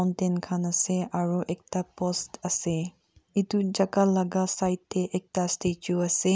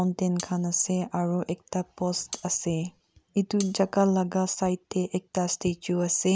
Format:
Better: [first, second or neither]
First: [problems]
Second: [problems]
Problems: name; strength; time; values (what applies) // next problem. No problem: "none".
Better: first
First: none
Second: background sound (Cutlery, silverware); 17 dB below the speech